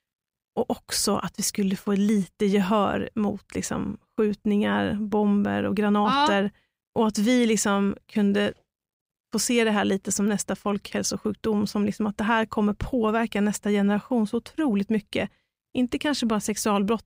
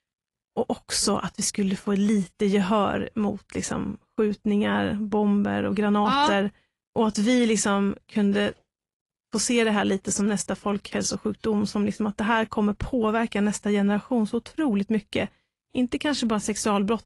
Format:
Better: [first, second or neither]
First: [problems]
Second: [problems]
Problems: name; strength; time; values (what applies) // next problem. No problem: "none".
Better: first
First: none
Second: garbled, watery; slightly; nothing above 11 kHz